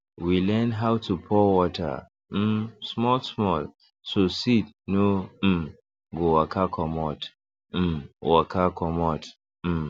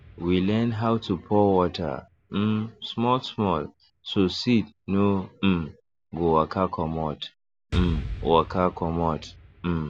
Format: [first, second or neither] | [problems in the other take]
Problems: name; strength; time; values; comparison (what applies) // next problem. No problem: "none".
first | background sound (Explosion); 14 dB below the speech